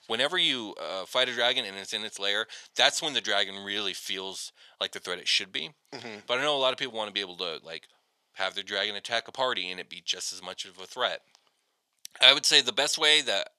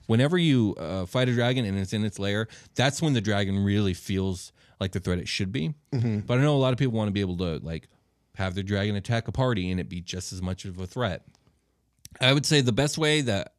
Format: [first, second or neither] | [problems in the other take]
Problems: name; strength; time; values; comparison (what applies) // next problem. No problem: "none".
second | thin; very; fading below 750 Hz